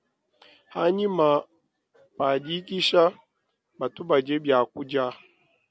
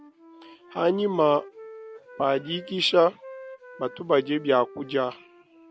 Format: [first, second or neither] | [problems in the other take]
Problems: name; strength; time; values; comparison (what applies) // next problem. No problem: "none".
first | background sound (Wind instrument, woodwind instrument); 19 dB below the speech